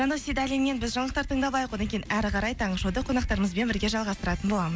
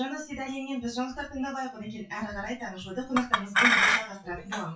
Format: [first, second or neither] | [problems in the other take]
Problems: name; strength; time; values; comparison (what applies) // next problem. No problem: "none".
first | noise reduction (classical method WPE with log-MMSE)